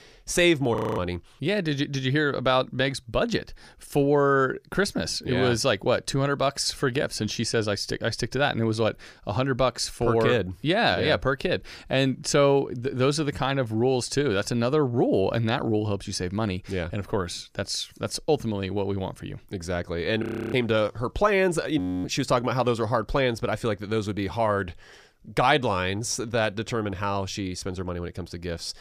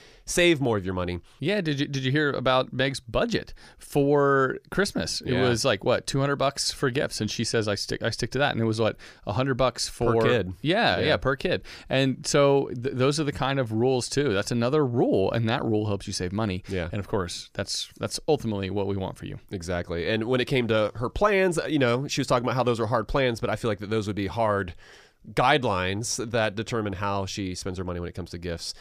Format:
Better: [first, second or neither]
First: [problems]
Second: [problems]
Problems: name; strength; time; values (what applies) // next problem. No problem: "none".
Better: second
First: audio freezing; at 1 s, at 20 s and at 22 s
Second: none